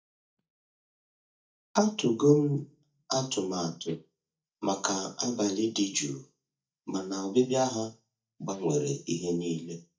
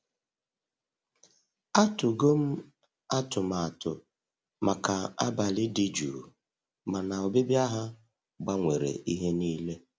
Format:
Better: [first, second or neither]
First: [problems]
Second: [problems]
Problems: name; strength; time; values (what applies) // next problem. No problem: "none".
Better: second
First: noise reduction (neural mask model DeepFilterNet 3)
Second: none